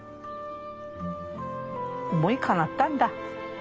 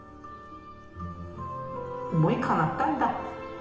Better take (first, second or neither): first